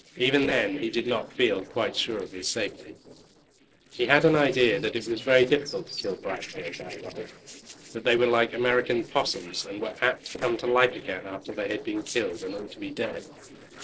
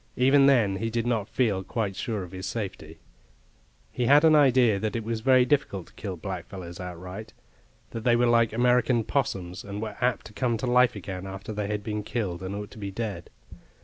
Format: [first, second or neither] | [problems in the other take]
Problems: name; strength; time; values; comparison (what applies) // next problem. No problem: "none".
second | noise reduction (neural separator model SepFormer DNS4)